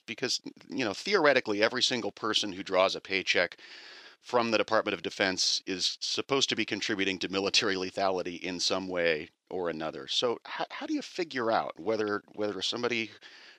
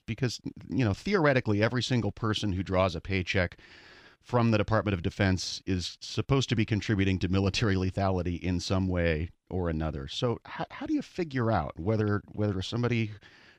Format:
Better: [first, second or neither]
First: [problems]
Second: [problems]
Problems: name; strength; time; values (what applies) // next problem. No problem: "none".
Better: second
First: thin; somewhat; fading below 400 Hz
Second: none